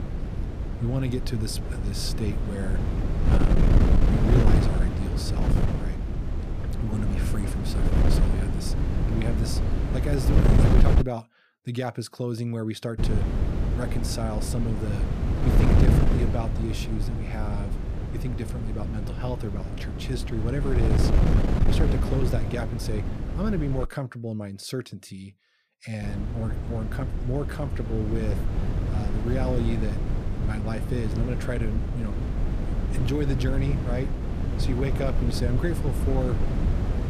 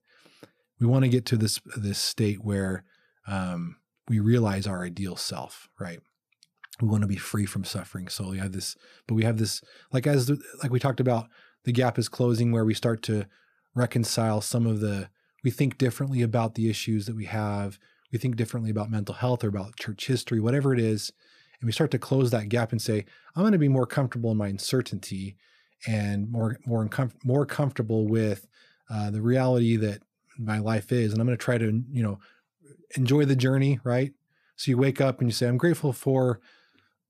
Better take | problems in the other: second | wind noise on the microphone; heavy; until 11 s, from 13 to 24 s and from 26 s on; as loud as the speech

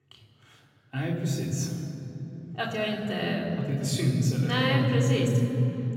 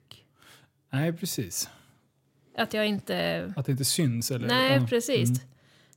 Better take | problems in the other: second | room echo; noticeable; dies away in 3 s // off-mic speech; far

